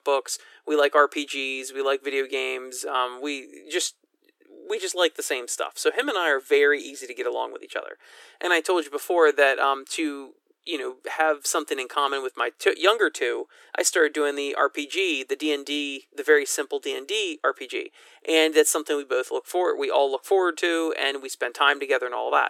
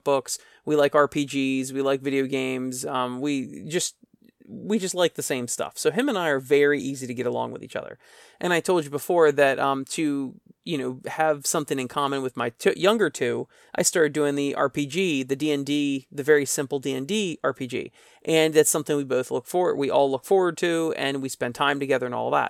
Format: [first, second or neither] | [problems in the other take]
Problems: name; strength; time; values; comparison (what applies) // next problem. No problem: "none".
second | thin; somewhat; fading below 300 Hz